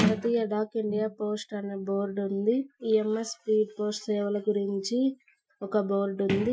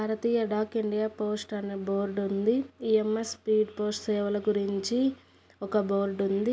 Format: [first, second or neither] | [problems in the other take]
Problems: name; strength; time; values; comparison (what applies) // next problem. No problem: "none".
second | noise reduction (classical method Wiener filter)